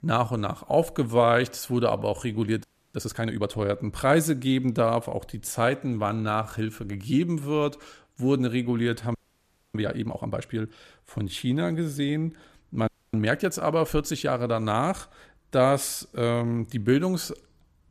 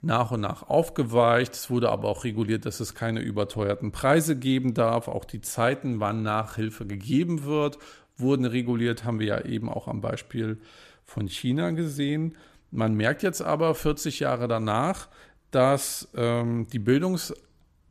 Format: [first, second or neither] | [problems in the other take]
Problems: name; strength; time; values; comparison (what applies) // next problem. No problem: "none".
second | audio freezing; at 2.5 s, at 9 s for 0.5 s and at 13 s